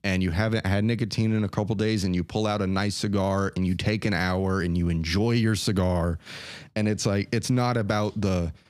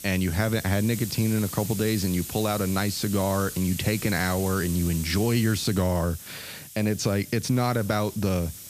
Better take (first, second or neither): first